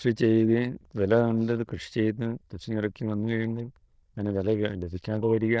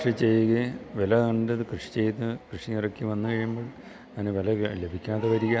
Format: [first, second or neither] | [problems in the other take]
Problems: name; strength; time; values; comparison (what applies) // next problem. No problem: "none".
second | noise reduction (neural diffusion model UNIVERSE++)